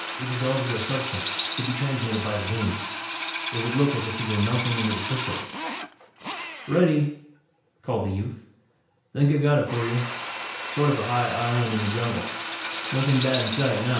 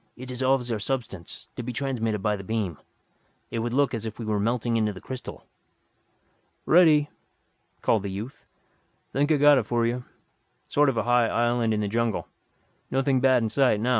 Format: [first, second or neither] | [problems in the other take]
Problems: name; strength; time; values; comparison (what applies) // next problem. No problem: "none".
second | background sound (Drill); 6 dB below the speech // room echo; dies away in 0.5 s